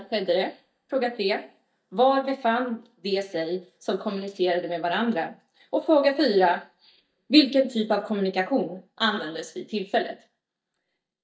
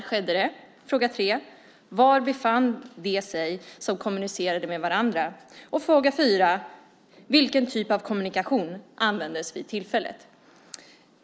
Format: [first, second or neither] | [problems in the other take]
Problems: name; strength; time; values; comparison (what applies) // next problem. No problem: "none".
second | noise reduction (neural mask model DeepFilterNet 3)